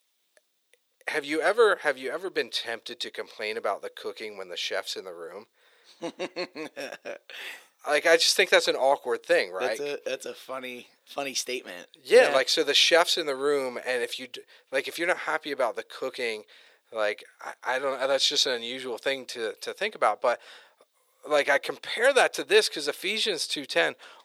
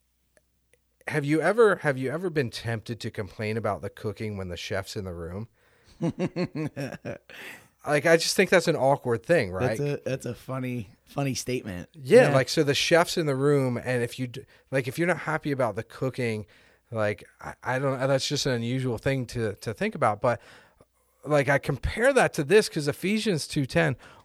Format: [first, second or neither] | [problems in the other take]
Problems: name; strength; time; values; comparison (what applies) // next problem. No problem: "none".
second | thin; very; fading below 400 Hz